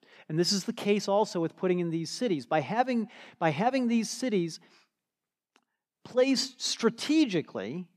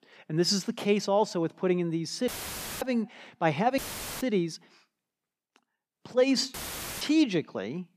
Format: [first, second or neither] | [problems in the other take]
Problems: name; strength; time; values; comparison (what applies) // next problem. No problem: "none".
first | audio cutting out; filled with static; at 2.5 s for 0.5 s, at 4 s and at 6.5 s